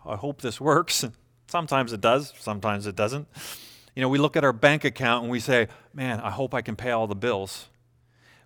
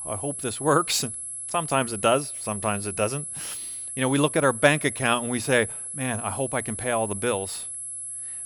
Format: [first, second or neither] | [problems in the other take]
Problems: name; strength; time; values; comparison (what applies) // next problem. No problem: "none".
first | high-pitched whine; loud; throughout; 11 kHz, 6 dB below the speech